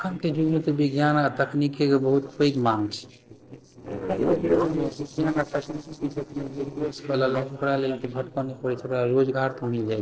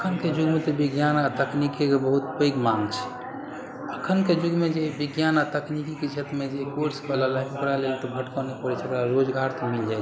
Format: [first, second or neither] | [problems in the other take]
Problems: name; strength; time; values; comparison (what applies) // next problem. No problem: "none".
second | noise reduction (neural separator model SepFormer DNS4)